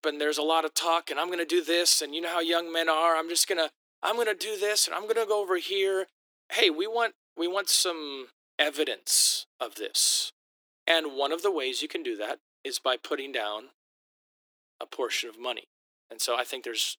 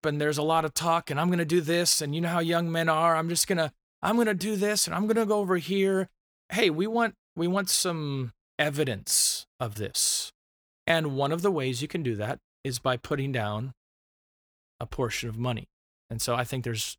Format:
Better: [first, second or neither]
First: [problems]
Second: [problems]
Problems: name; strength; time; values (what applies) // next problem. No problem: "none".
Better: second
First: thin; very; fading below 300 Hz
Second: none